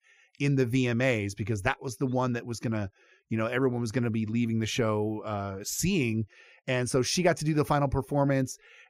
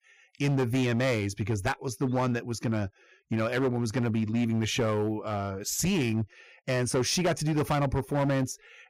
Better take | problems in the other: first | distortion; slight; 11% of the sound clipped

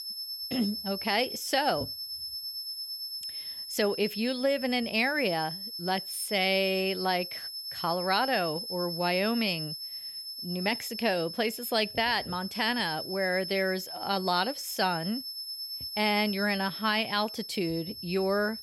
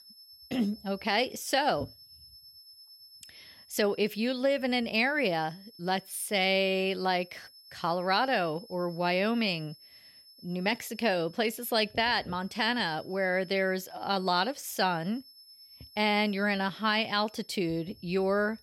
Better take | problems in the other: second | high-pitched whine; loud; throughout; 5.5 kHz, 7 dB below the speech; faint in the second

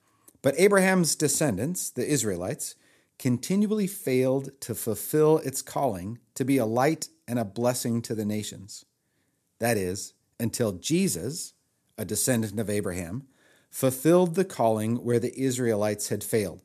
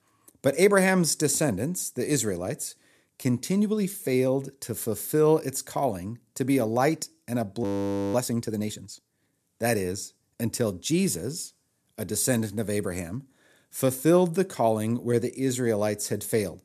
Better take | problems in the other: first | audio freezing; at 7.5 s for 0.5 s

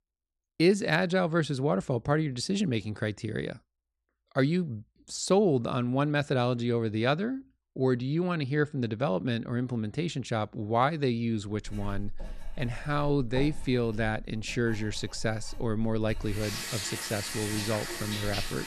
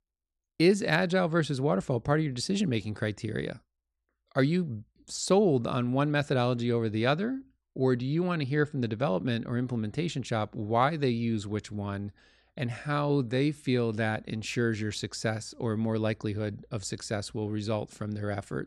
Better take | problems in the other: second | household noises; loud; from 12 s on; 9 dB below the speech

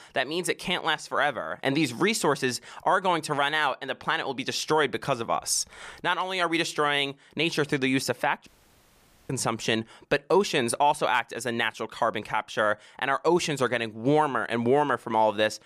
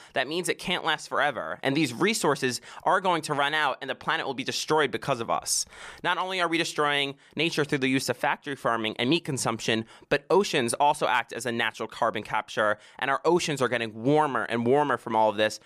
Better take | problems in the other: second | audio cutting out; at 8.5 s for 1 s

